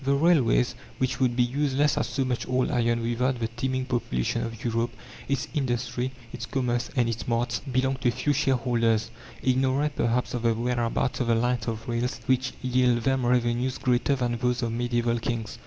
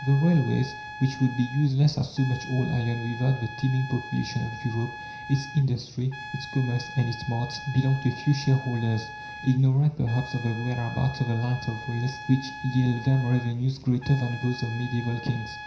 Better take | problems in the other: first | background sound (Trumpet); 14 dB below the speech // room echo; dies away in 0.5 s

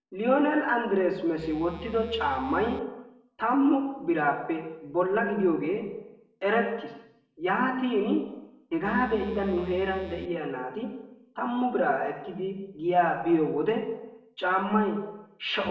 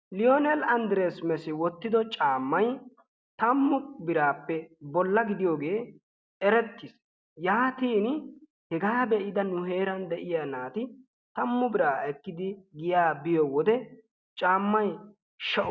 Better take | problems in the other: second | background sound (Musical instrument); 17 dB below the speech // room echo; dies away in 0.8 s

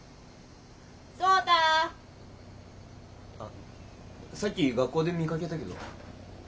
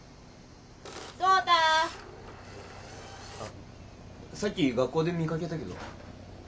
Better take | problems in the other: first | background sound (Camera); 15 dB below the speech

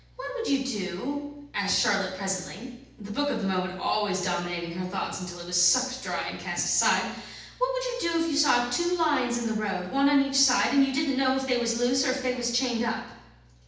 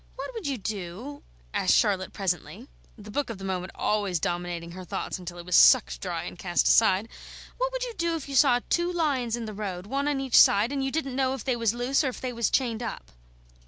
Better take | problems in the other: second | room echo; dies away in 0.9 s

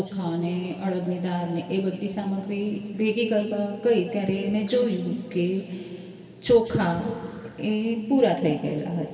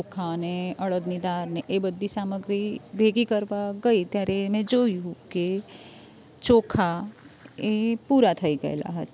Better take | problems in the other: second | room echo; dies away in 2.5 s

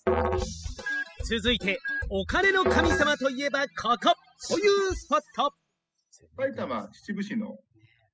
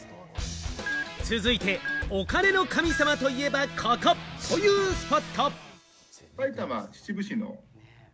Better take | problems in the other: second | noise reduction (classical method spectral subtraction)

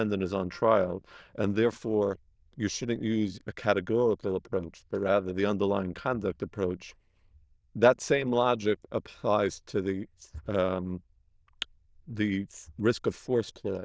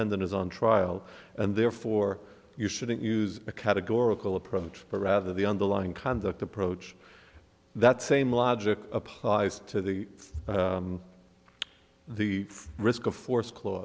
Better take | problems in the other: second | noise reduction (neural diffusion model UNIVERSE++)

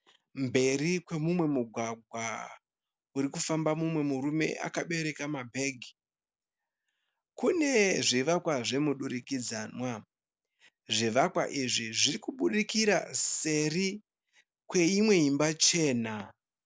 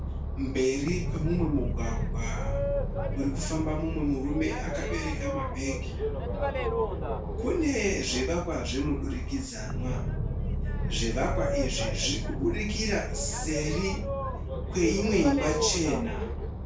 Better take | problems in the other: first | background sound (Boat, Water vehicle); 1 dB above the speech // room echo; dies away in 0.3 s

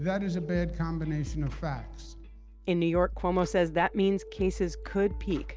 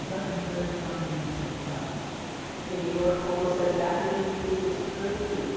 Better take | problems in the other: first | background sound (Water); 6 dB below the speech // room echo; dies away in 2.2 s

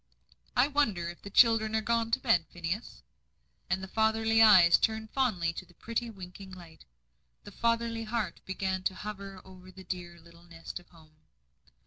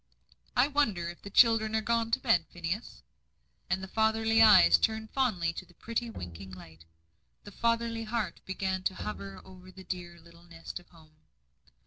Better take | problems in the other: first | background sound (Bowed string instrument); 14 dB below the speech

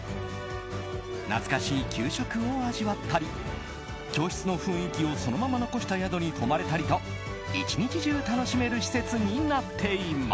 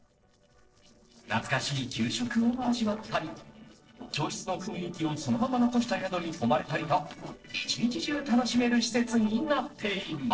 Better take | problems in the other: first | noise reduction (neural separator model SepFormer DNS4)

